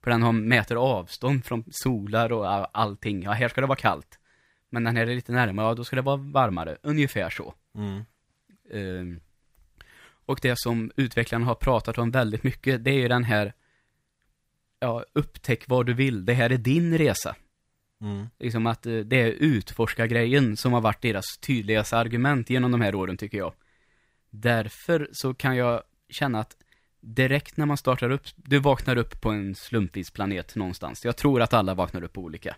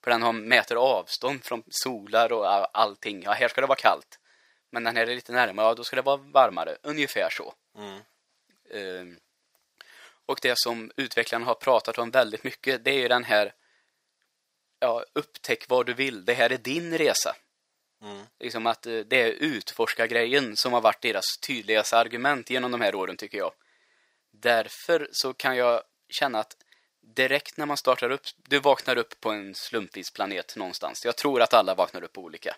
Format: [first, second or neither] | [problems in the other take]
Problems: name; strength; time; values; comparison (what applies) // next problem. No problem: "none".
first | thin; very; fading below 500 Hz